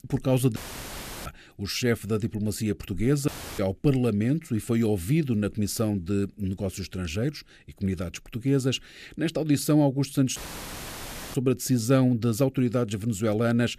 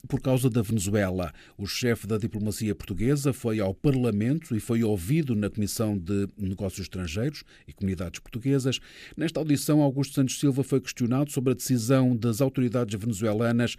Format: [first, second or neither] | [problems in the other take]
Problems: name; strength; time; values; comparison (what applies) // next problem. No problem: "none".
second | audio cutting out; filled with static; at 0.5 s for 0.5 s, at 3.5 s and at 10 s for 1 s